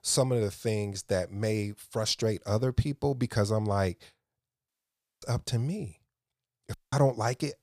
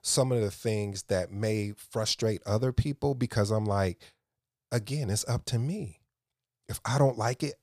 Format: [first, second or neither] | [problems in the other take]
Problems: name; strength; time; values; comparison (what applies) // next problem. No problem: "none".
second | audio cutting out; at 4.5 s for 0.5 s and at 6.5 s